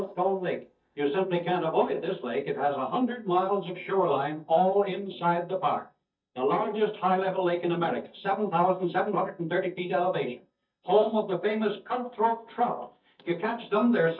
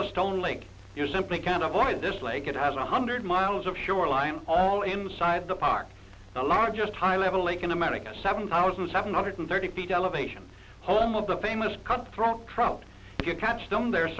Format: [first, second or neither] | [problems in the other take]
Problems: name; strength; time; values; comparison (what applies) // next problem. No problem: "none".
second | noise reduction (neural mask model DeepFilterNet 3)